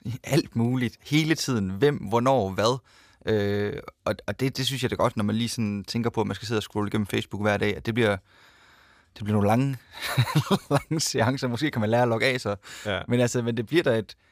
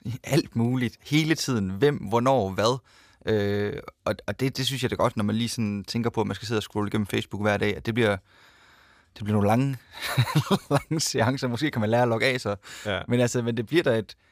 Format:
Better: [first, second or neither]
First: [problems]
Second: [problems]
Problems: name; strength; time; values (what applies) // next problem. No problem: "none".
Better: neither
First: none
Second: none